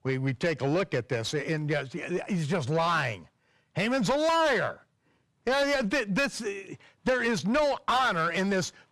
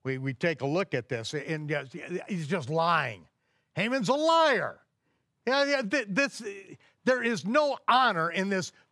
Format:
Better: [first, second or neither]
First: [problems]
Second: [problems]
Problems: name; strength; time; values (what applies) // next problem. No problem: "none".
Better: second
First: distortion; heavy; 7 dB below the speech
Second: none